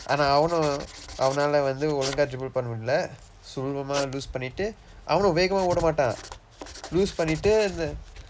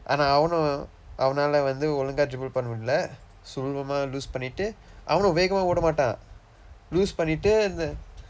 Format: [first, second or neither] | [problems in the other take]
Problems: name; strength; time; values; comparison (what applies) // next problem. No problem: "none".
second | background sound (Writing); 17 dB below the speech